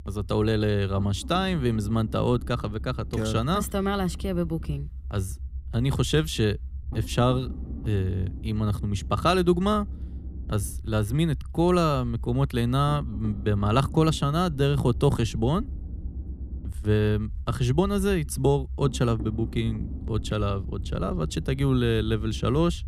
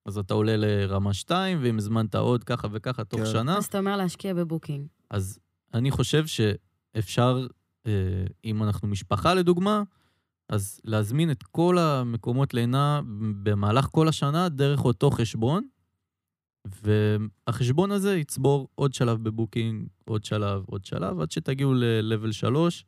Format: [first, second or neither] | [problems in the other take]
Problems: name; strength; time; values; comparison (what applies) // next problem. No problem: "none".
second | low rumble; faint; throughout; 20 dB below the speech